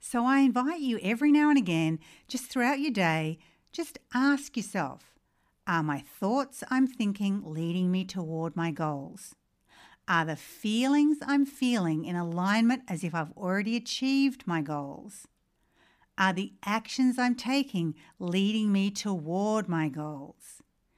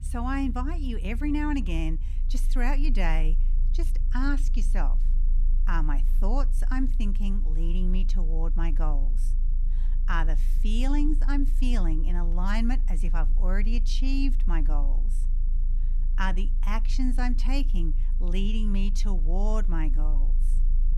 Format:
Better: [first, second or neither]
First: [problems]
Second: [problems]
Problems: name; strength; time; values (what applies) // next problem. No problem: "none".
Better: first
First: none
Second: low rumble; noticeable; throughout; 20 dB below the speech